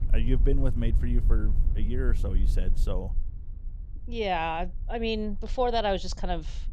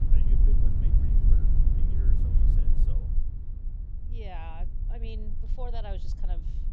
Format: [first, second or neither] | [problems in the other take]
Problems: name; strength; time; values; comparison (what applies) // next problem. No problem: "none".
first | low rumble; loud; throughout; as loud as the speech; faint in the first